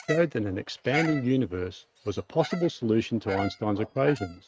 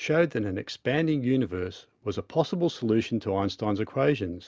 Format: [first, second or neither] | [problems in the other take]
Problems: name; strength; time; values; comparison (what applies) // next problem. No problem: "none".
second | noise reduction (neural mask model RNNoise)